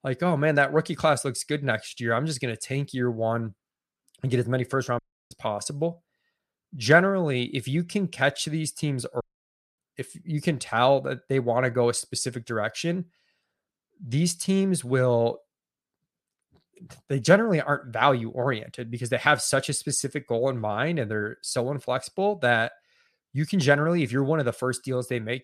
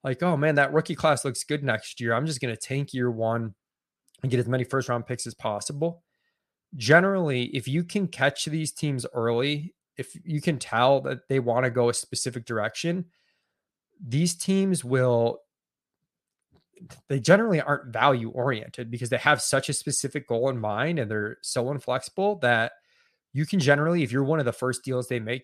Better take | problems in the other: second | audio cutting out; at 5 s and at 9 s for 0.5 s

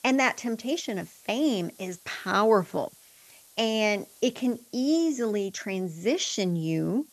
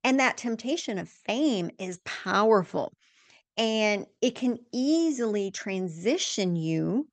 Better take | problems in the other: second | hiss; faint; throughout; 25 dB below the speech

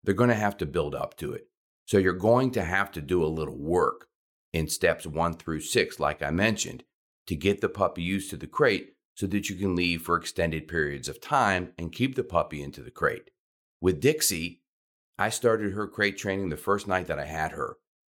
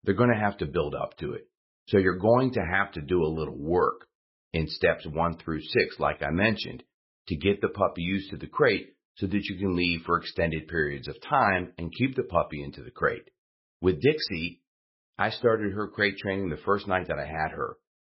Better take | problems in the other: first | garbled, watery; badly; nothing above 5.5 kHz

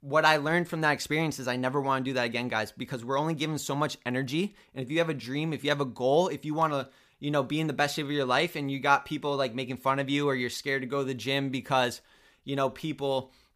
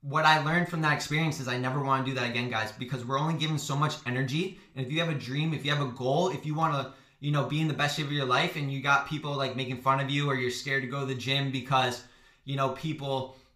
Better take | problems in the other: first | room echo; very slight; dies away in 0.4 s // off-mic speech; somewhat distant

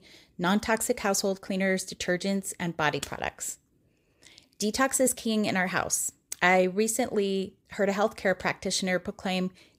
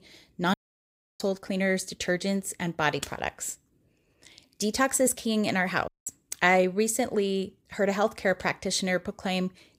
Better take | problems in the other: first | audio cutting out; at 0.5 s for 0.5 s and at 6 s

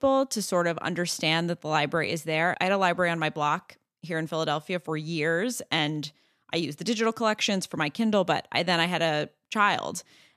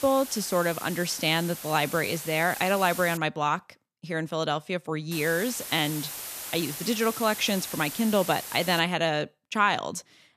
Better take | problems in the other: first | hiss; loud; until 3 s and from 5 to 9 s; 9 dB below the speech

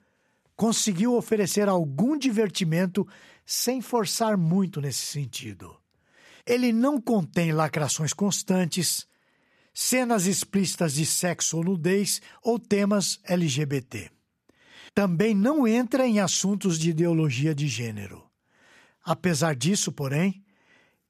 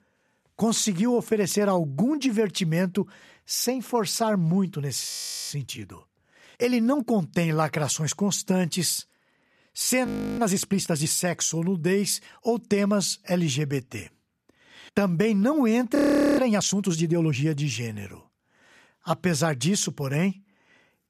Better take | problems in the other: first | audio freezing; at 5 s, at 10 s and at 16 s

